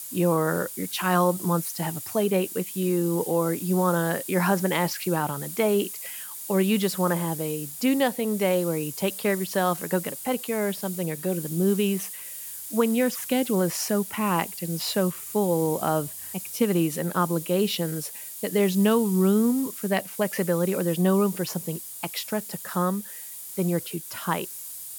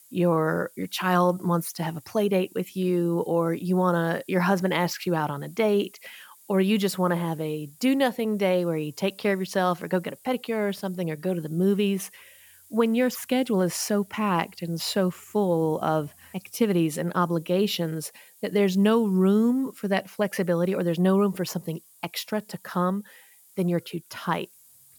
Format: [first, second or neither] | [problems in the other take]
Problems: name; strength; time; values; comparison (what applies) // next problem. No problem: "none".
second | hiss; loud; throughout; 9 dB below the speech; faint in the second